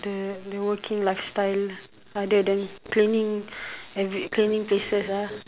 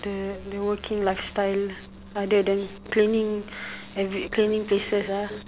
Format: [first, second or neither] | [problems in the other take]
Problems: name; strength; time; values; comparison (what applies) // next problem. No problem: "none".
first | background sound (Bus); 19 dB below the speech